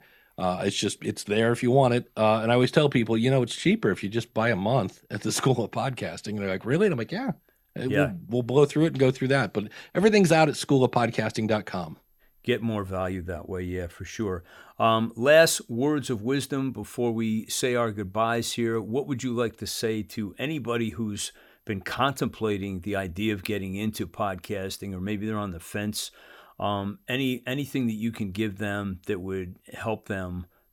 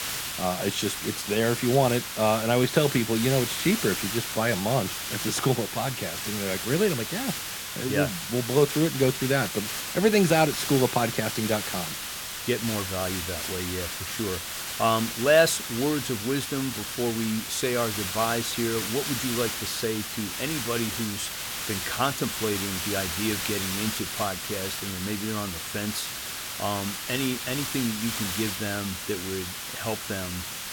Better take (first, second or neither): first